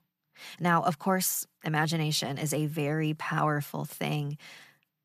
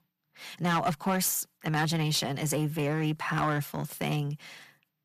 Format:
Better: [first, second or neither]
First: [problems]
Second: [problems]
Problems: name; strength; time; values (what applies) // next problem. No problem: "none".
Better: first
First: none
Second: distortion; slight; 5% of the sound clipped